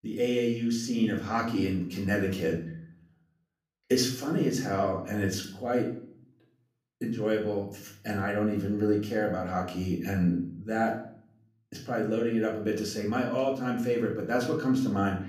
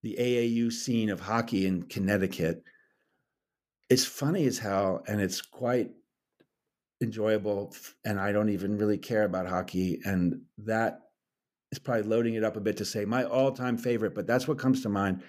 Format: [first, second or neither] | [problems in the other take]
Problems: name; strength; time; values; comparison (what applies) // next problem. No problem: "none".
second | room echo; slight; dies away in 0.5 s // off-mic speech; far